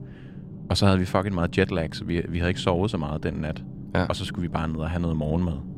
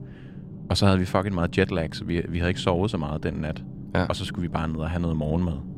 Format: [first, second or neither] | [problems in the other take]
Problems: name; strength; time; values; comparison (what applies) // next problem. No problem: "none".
neither | low rumble; noticeable; throughout; 20 dB below the speech; the same in both